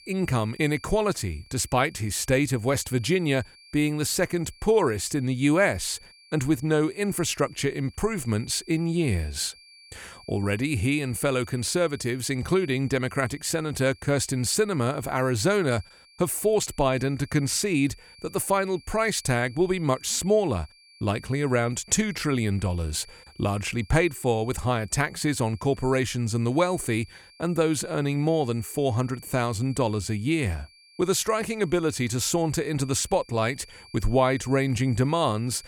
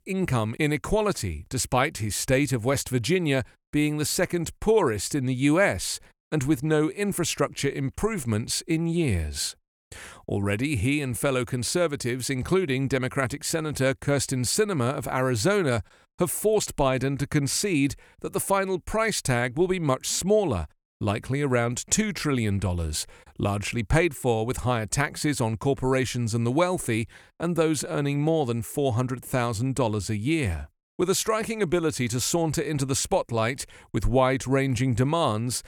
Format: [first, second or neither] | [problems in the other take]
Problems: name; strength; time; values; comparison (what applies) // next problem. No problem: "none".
second | high-pitched whine; faint; throughout; 4.5 kHz, 25 dB below the speech